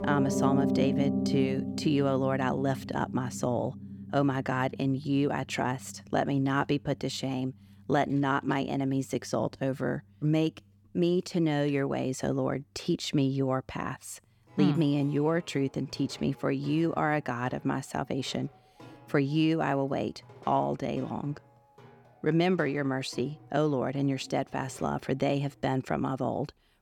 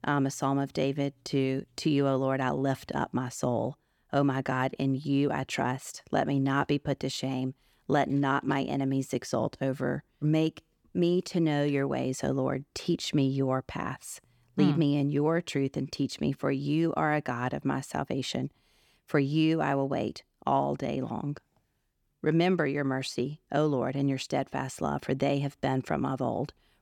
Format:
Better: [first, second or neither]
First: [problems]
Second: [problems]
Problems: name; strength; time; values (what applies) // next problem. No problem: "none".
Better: second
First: background music; loud; throughout; 5 dB below the speech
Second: none